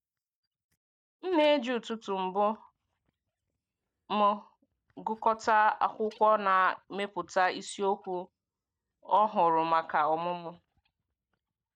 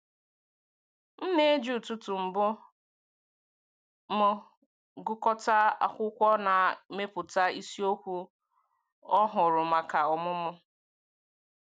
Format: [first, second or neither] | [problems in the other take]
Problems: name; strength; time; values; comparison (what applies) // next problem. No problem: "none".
second | noise reduction (neural mask model DeepFilterNet 3)